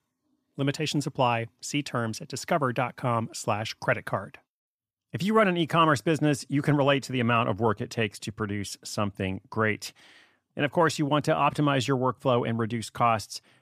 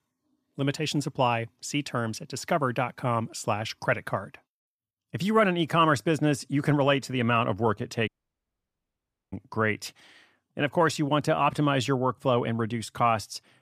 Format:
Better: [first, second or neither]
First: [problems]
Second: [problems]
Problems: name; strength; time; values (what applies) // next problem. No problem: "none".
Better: first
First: none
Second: audio cutting out; at 8 s for 1 s